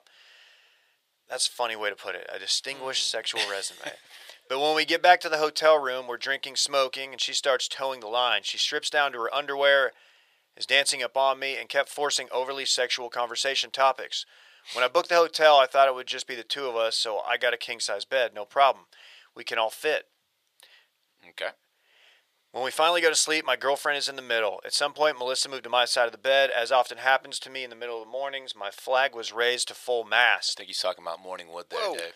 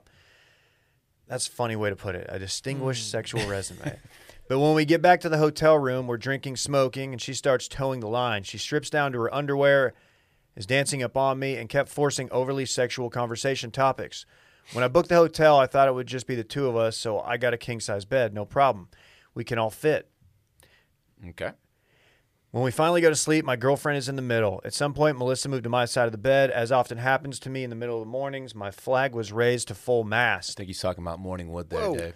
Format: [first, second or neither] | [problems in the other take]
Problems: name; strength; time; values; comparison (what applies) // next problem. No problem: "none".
second | thin; very; fading below 700 Hz